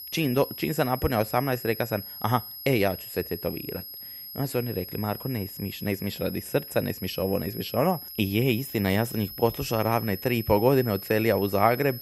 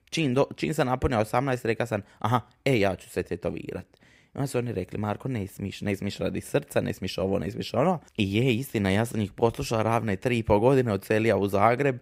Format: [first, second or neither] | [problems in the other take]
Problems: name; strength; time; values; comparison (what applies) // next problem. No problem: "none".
second | high-pitched whine; noticeable; throughout; 11.5 kHz, 10 dB below the speech